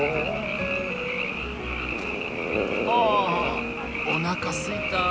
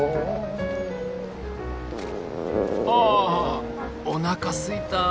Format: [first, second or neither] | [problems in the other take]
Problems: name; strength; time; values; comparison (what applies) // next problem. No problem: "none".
second | background sound (Frog); 4 dB below the speech